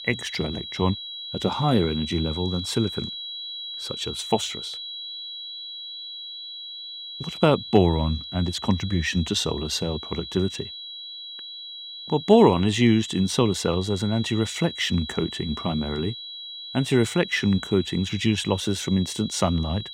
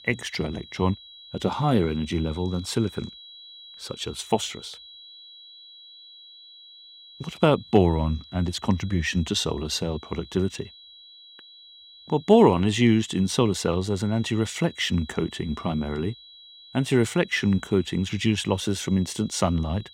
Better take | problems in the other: second | high-pitched whine; loud; throughout; 4 kHz, 10 dB below the speech; faint in the second

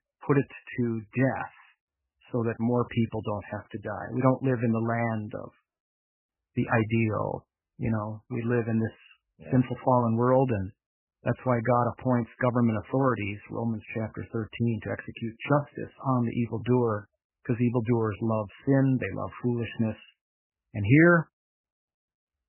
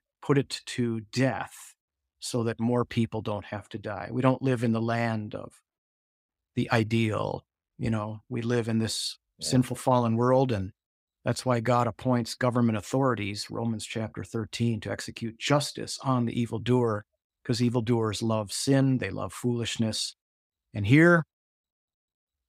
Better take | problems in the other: second | garbled, watery; badly; nothing above 3 kHz

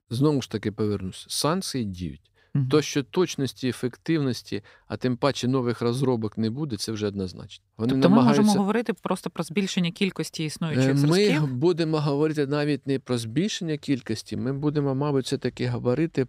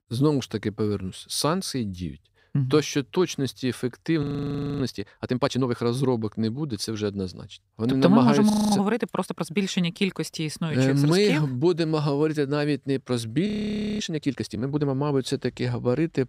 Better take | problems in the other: first | audio freezing; at 4 s for 0.5 s, at 8.5 s and at 13 s for 0.5 s

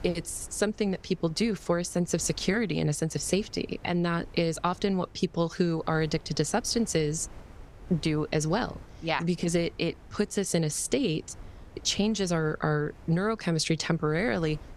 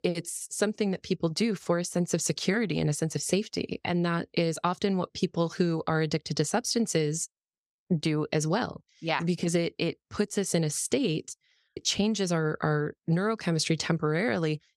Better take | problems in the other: second | wind noise on the microphone; occasional gusts; 25 dB below the speech

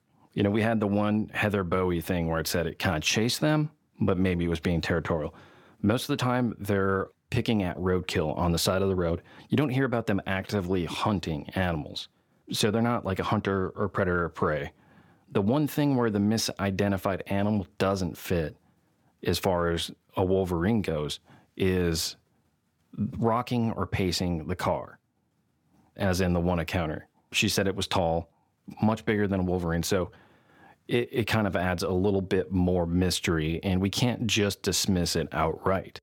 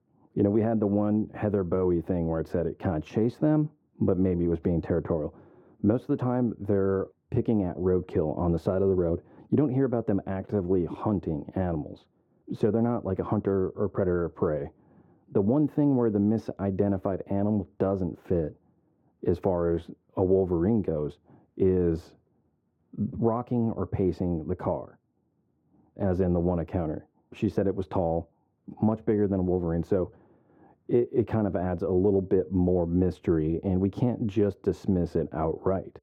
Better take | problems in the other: first | muffled; very; fading above 1.5 kHz

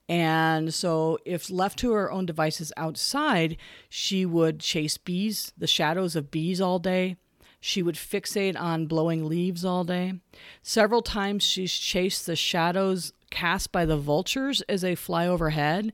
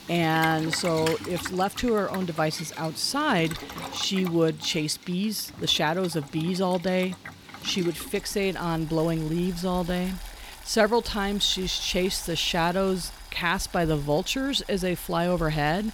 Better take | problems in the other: first | household noises; noticeable; throughout; 15 dB below the speech

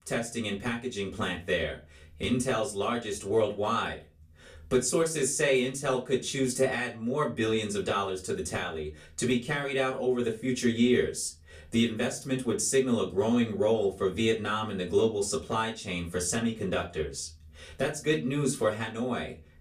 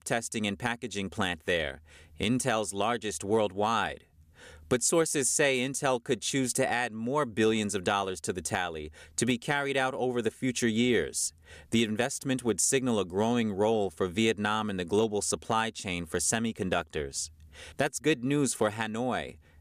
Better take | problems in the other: second | off-mic speech; far // room echo; very slight; dies away in 0.3 s

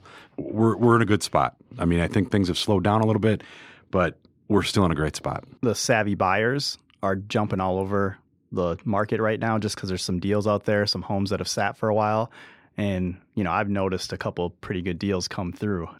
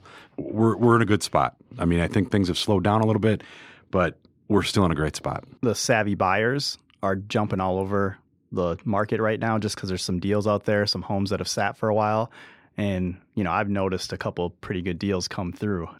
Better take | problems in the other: neither | muffled; slightly; fading above 3 kHz; the same in both

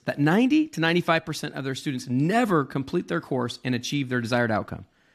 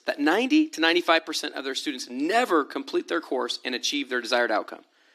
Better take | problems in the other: first | thin; somewhat; fading below 300 Hz

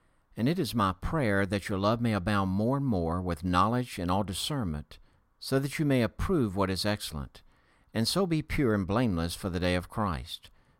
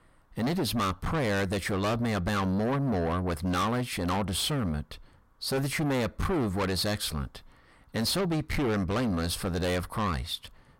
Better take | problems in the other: first | distortion; heavy; 6 dB below the speech

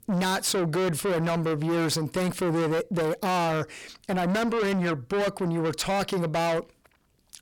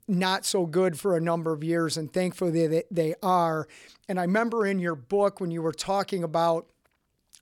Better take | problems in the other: second | distortion; heavy; 6 dB below the speech

